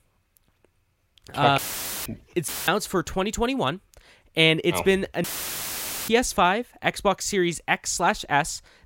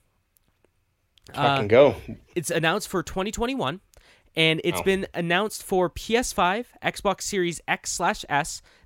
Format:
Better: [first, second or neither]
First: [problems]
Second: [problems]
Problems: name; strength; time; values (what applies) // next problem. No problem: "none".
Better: second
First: audio cutting out; filled with static; at 1.5 s, at 2.5 s and at 5 s for 1 s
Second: none